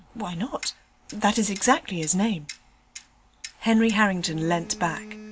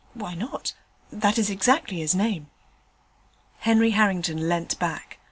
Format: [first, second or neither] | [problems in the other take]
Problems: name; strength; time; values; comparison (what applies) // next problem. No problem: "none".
second | background sound (Telephone + Clock); 18 dB below the speech